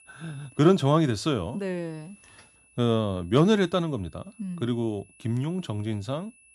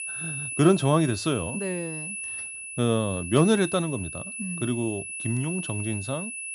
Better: first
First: high-pitched whine; faint; throughout; 2.5 kHz, 30 dB below the speech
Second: high-pitched whine; loud; throughout; 2.5 kHz, 7 dB below the speech

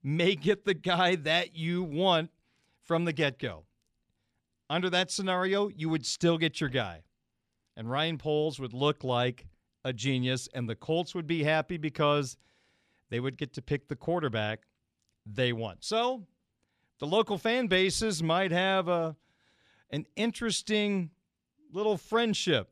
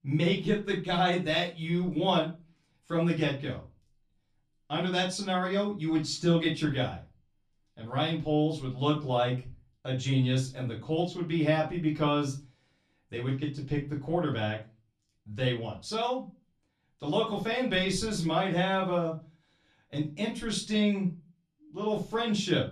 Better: first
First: none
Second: off-mic speech; far // room echo; slight; dies away in 0.3 s

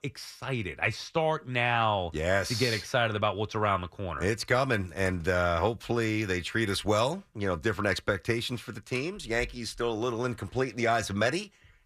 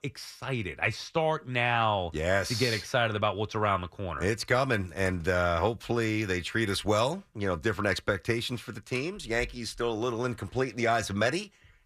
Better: neither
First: none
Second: none

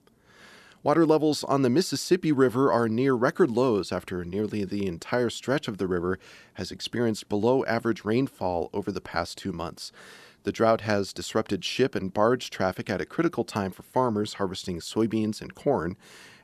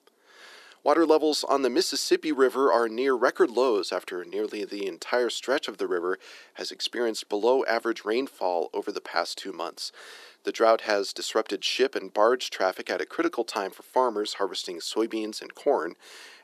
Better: first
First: none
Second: thin; somewhat; fading below 350 Hz

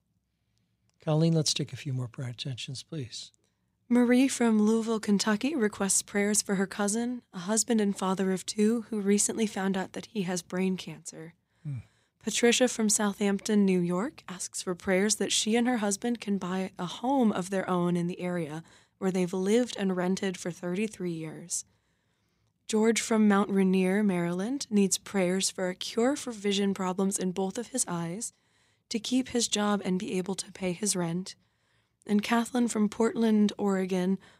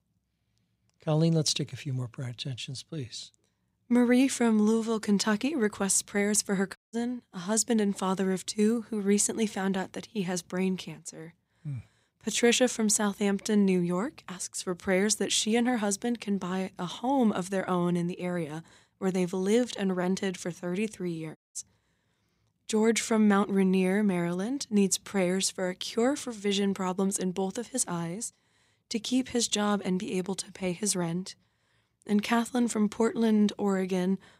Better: first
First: none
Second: audio cutting out; at 7 s and at 21 s

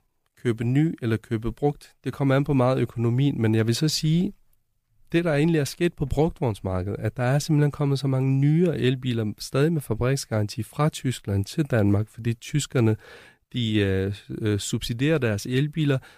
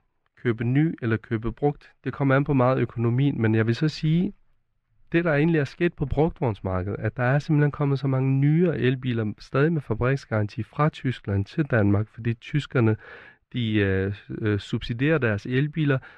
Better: first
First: none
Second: muffled; slightly; fading above 2.5 kHz

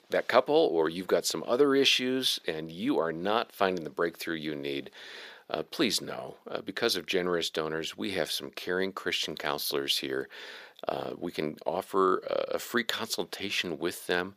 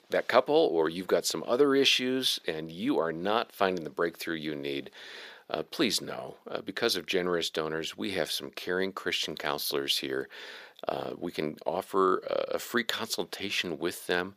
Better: neither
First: thin; somewhat; fading below 400 Hz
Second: thin; somewhat; fading below 400 Hz

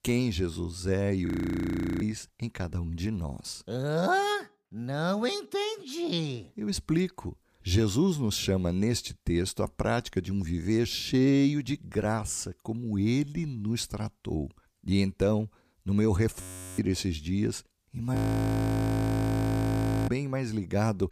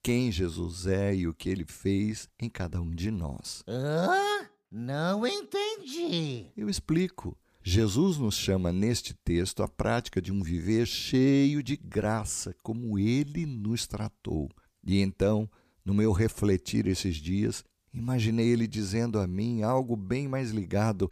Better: second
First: audio freezing; at 1.5 s for 0.5 s, at 16 s and at 18 s for 2 s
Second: none

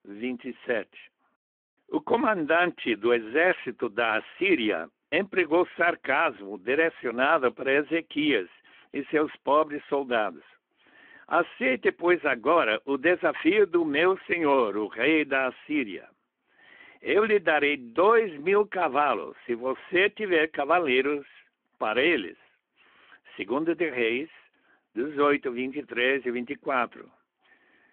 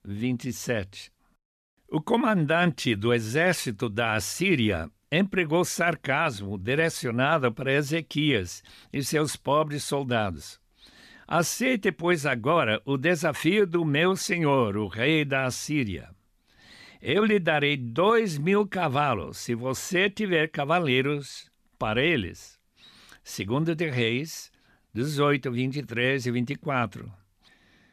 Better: second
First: phone-call audio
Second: none

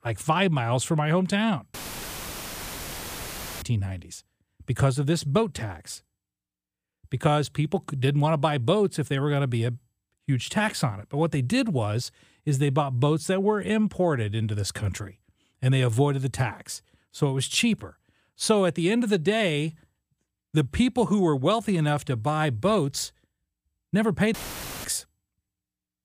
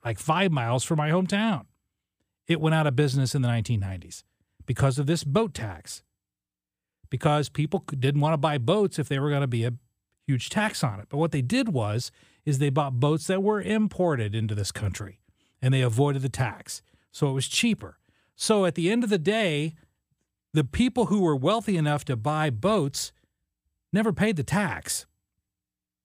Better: second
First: audio cutting out; filled with static; at 1.5 s for 2 s and at 24 s for 0.5 s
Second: none

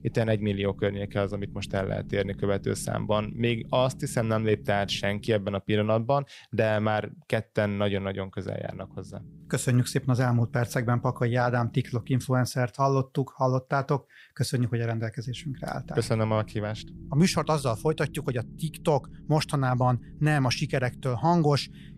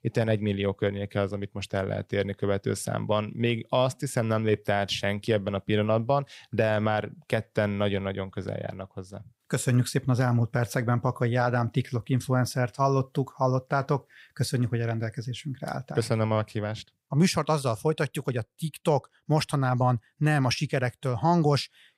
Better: second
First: low rumble; faint; until 5.5 s, from 8.5 to 12 s and from 15 s on; 25 dB below the speech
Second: none

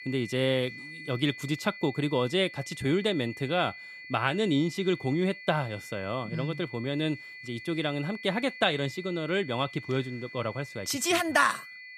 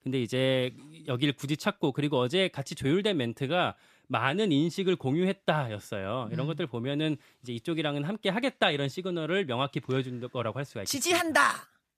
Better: second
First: high-pitched whine; noticeable; throughout; 2 kHz, 15 dB below the speech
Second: none

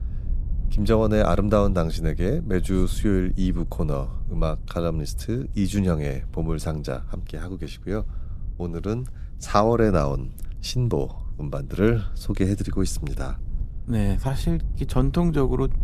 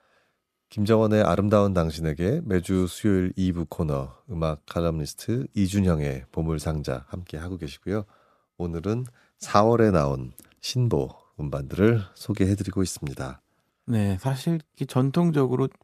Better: second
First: low rumble; faint; throughout; 25 dB below the speech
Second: none

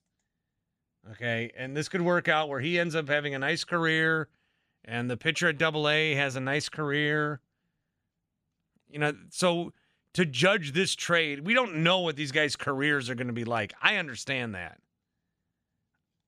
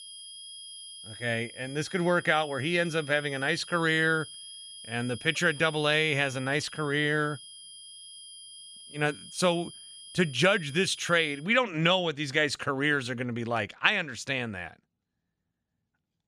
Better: first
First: none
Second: high-pitched whine; noticeable; until 11 s; 3 kHz, 15 dB below the speech

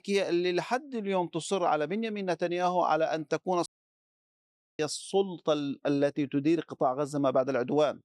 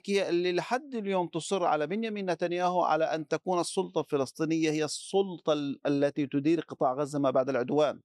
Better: second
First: audio cutting out; at 3.5 s for 1 s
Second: none

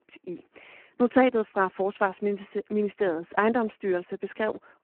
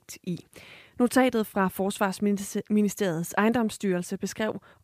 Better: second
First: phone-call audio; poor line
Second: none

